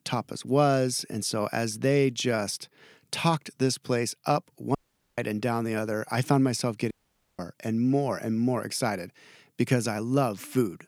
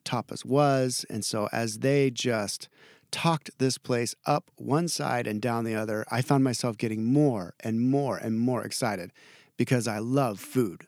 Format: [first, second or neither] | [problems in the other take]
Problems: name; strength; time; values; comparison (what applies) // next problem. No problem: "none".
second | audio cutting out; at 5 s and at 7 s